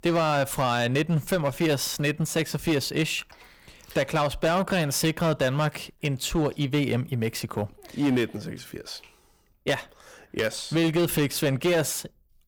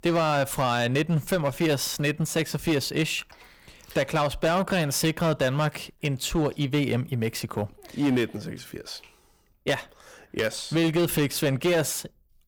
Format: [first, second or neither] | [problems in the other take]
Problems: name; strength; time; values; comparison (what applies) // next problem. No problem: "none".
neither | distortion; slight; 9% of the sound clipped; the same in both